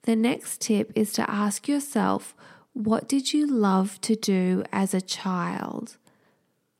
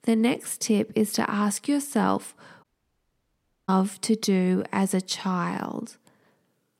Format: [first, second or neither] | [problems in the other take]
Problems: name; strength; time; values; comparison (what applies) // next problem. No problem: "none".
first | audio cutting out; at 2.5 s for 1 s